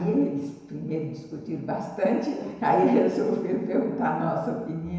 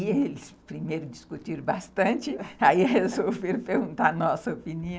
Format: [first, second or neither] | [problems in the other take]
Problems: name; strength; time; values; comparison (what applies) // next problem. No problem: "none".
second | room echo; dies away in 1 s